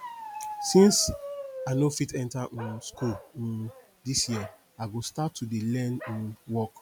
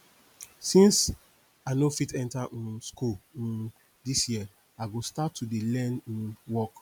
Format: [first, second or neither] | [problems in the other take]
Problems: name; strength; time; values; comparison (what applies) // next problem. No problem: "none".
second | background sound (Bark); 13 dB below the speech